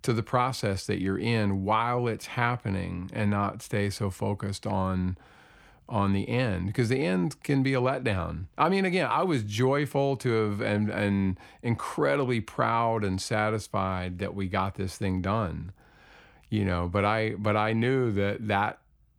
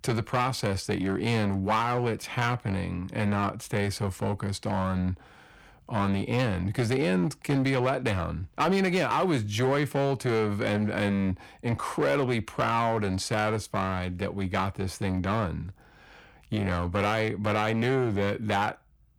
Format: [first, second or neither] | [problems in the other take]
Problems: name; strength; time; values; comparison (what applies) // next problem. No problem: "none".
first | distortion; slight; 9% of the sound clipped